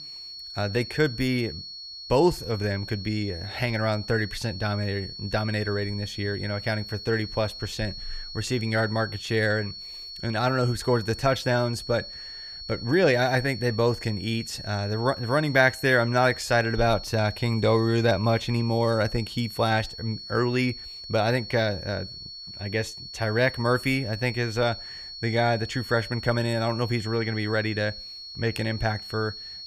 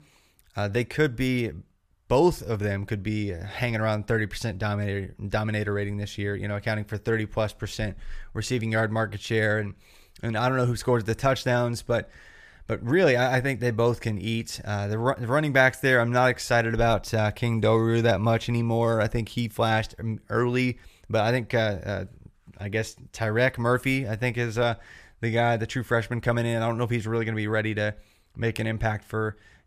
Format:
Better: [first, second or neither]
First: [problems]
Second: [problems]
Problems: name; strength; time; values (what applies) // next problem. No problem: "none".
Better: second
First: high-pitched whine; noticeable; throughout; 4.5 kHz, 10 dB below the speech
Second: none